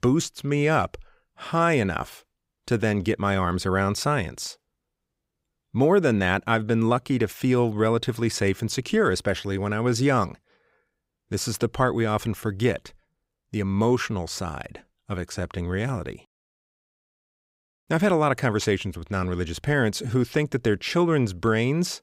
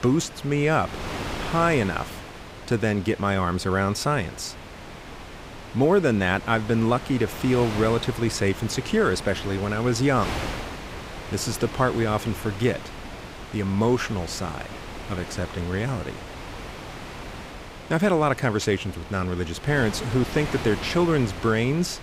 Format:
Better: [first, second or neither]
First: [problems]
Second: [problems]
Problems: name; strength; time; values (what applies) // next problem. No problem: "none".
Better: first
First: none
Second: wind noise on the microphone; occasional gusts; 10 dB below the speech